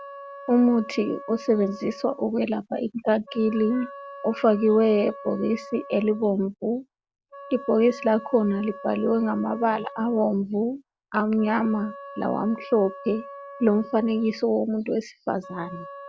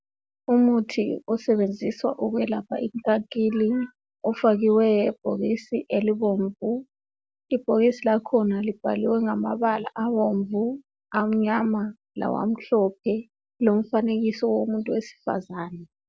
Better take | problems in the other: second | background sound (Wind instrument, woodwind instrument); 17 dB below the speech

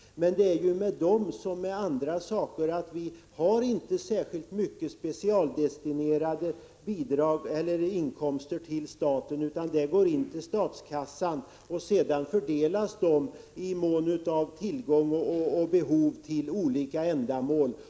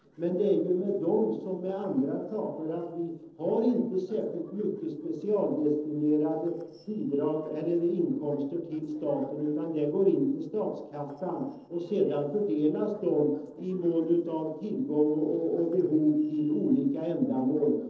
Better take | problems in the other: first | noise reduction (neural separator model SepFormer DNS4)

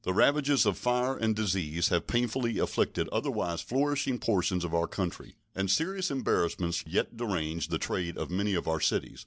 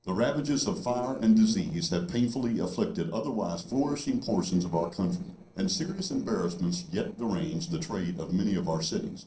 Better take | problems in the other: first | noise reduction (neural separator model SepFormer DNS4)

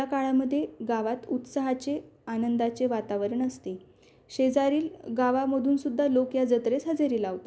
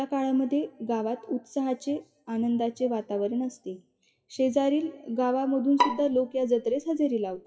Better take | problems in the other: first | noise reduction (classical method WPE with log-MMSE)

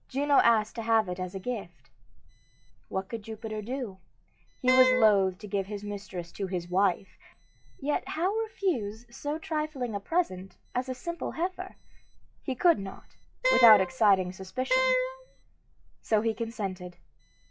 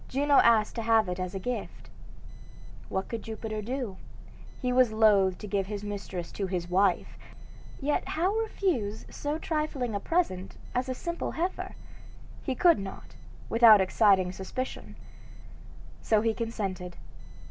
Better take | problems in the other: second | noise reduction (classical method log-MMSE)

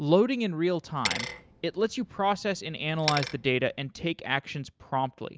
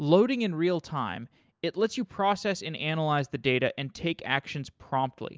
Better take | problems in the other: second | background sound (Bicycle); 9 dB below the speech

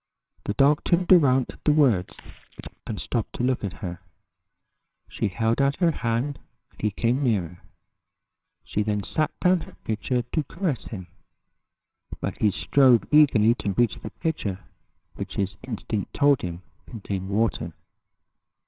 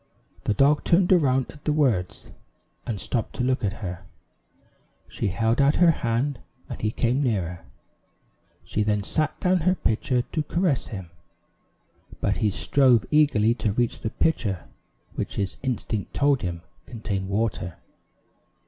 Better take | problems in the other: second | noise reduction (neural separator model SepFormer WHAMR!)

